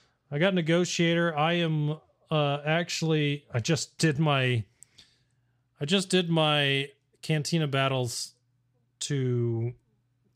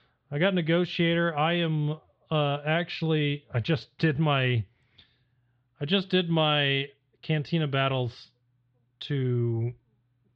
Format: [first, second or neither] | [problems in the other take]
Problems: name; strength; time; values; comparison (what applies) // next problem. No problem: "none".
first | muffled; slightly; fading above 4 kHz